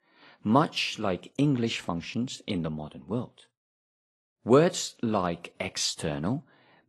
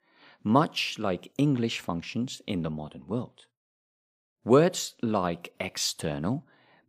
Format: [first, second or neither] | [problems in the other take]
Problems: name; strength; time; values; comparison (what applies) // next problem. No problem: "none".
second | garbled, watery; slightly; nothing above 12 kHz